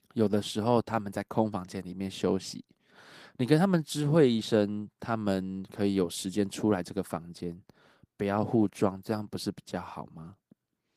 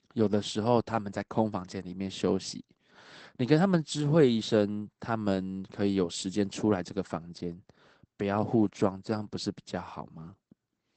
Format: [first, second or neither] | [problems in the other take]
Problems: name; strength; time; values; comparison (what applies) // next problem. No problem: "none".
first | garbled, watery; badly; nothing above 8 kHz; slightly in the first